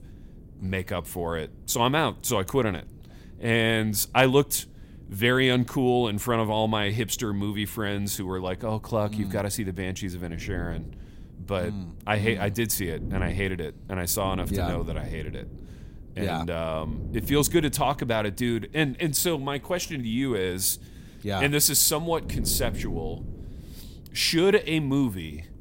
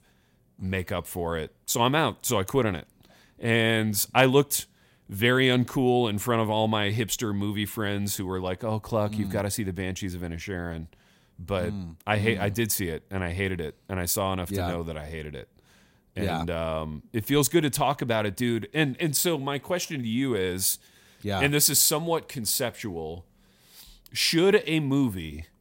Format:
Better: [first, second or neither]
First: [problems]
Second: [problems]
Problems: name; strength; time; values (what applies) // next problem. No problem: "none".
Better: second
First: wind noise on the microphone; occasional gusts; 25 dB below the speech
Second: none